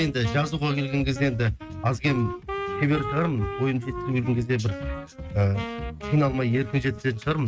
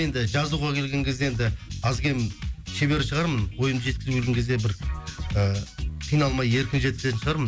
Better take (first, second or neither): second